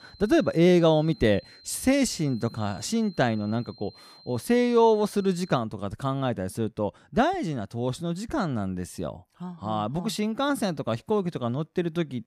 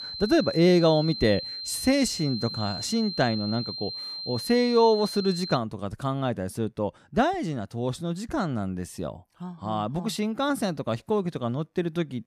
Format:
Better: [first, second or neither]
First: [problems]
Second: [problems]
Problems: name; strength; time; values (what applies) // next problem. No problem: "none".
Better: first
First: high-pitched whine; faint; until 5.5 s; 4 kHz, 25 dB below the speech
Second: high-pitched whine; loud; until 5.5 s; 4 kHz, 7 dB below the speech